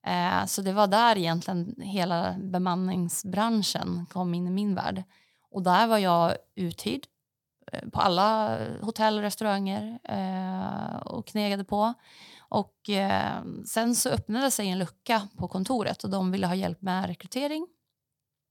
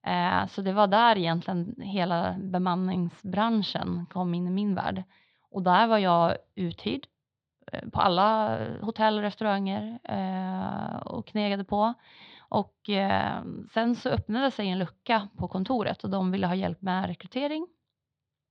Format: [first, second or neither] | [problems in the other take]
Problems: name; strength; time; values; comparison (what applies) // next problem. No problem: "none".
first | muffled; slightly; fading above 4 kHz